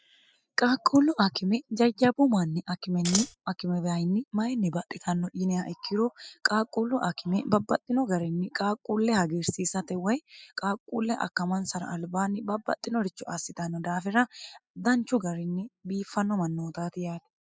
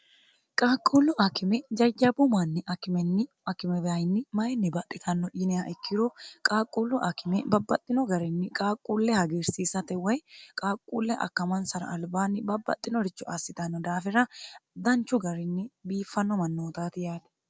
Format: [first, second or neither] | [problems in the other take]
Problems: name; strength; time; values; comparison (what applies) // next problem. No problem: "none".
second | noise reduction (classical method spectral subtraction)